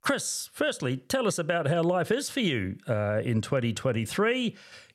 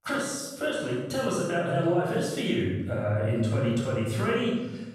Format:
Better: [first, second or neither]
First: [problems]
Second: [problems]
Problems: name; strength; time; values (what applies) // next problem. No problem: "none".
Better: first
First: none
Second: off-mic speech; far // room echo; strong; dies away in 1.1 s